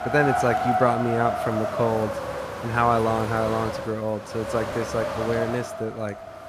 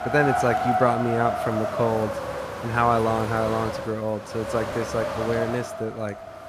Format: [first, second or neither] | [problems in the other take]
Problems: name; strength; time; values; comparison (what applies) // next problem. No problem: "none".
neither | wind noise on the microphone; heavy; 2 dB below the speech; the same in both